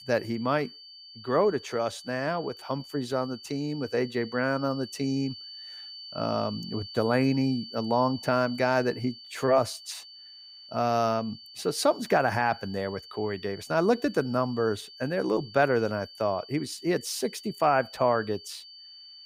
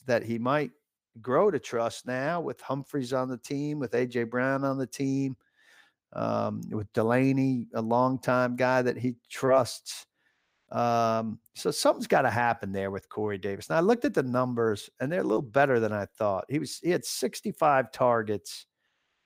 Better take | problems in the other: second | high-pitched whine; noticeable; throughout; 4.5 kHz, 15 dB below the speech

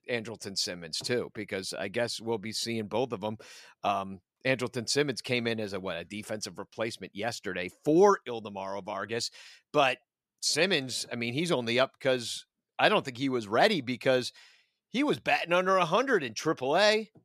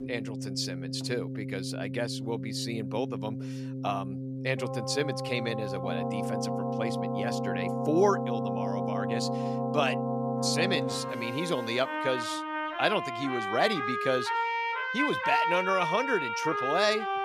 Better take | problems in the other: first | background music; loud; throughout; 1 dB below the speech

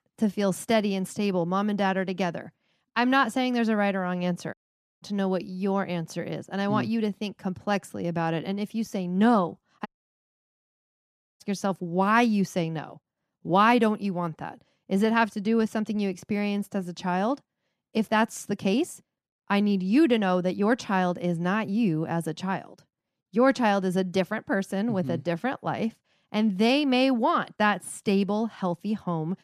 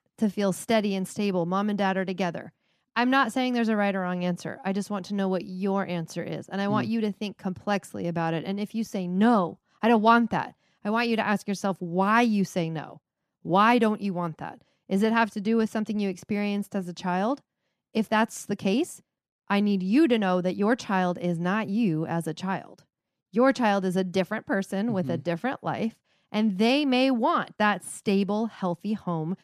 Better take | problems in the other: second | audio cutting out; at 4.5 s and at 10 s for 1.5 s

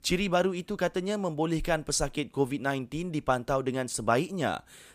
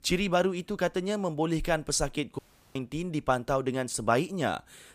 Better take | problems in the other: first | audio cutting out; at 2.5 s

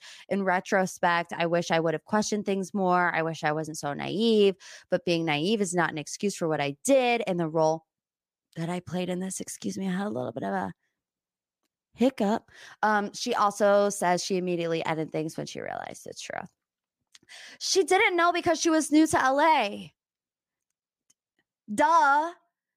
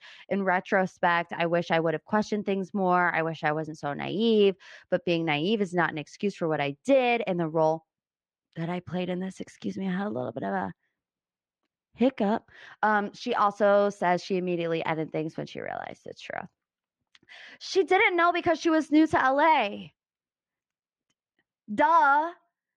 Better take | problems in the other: first | muffled; slightly; fading above 3 kHz

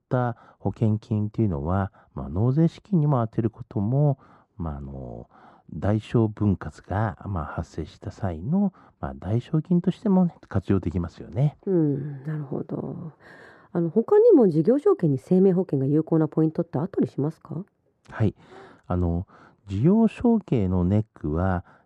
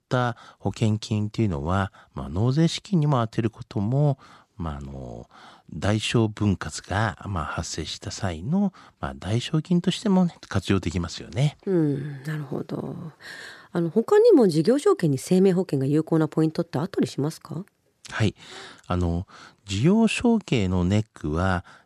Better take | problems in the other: second | muffled; very; fading above 2 kHz

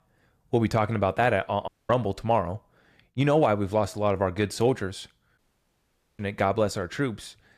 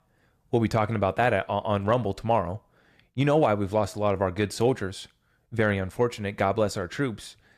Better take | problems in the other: second | audio cutting out; at 1.5 s and at 5.5 s for 1 s

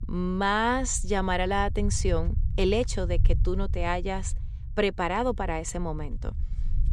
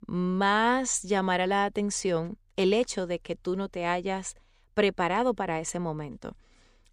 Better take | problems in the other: second | low rumble; faint; throughout; 25 dB below the speech

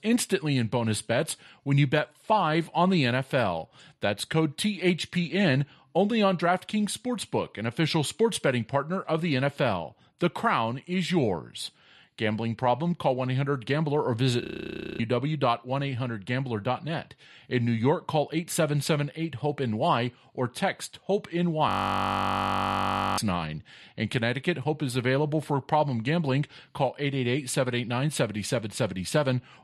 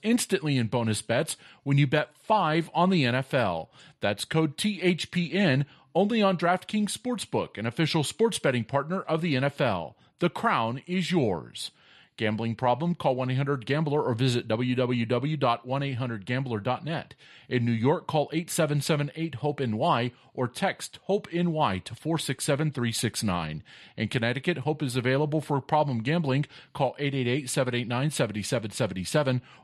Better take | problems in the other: second | audio freezing; at 14 s for 0.5 s and at 22 s for 1.5 s

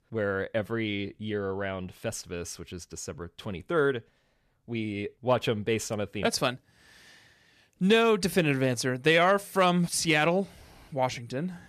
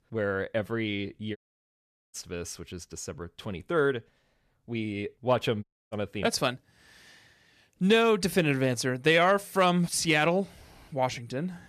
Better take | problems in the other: first | audio cutting out; at 1.5 s for 1 s and at 5.5 s

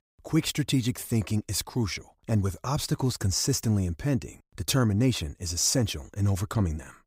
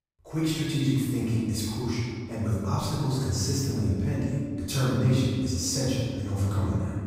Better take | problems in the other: first | room echo; strong; dies away in 1.8 s // off-mic speech; far

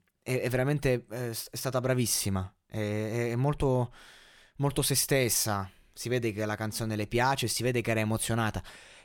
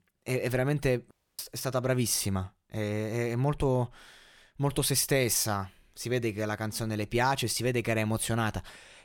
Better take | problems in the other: first | audio cutting out; at 1 s

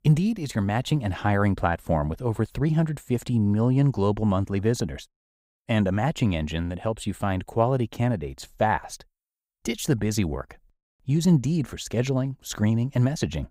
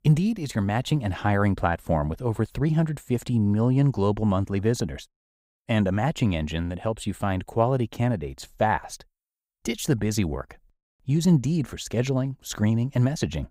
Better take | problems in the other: neither | none

